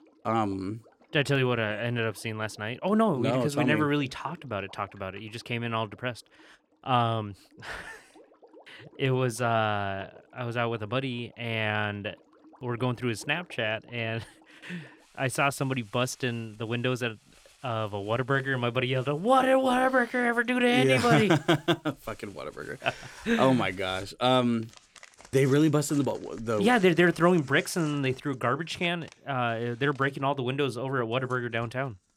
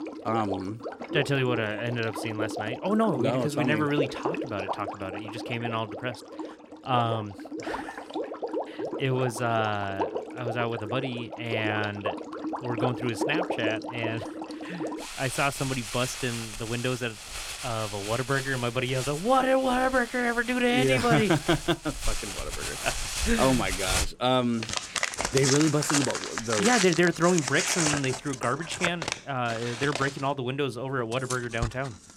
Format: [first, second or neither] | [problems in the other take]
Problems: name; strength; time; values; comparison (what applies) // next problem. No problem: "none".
first | household noises; loud; throughout; 5 dB below the speech; faint in the first